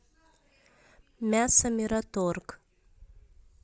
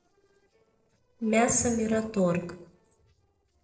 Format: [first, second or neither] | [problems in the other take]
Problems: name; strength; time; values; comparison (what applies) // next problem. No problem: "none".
first | noise reduction (neural separator model SepFormer DNS4)